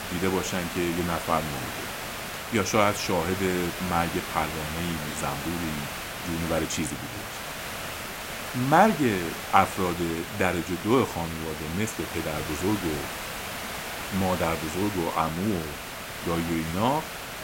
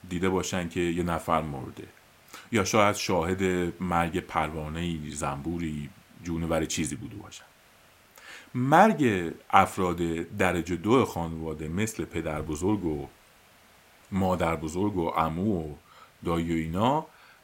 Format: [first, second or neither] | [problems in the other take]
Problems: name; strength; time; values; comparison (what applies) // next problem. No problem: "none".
second | hiss; loud; throughout; 6 dB below the speech; faint in the second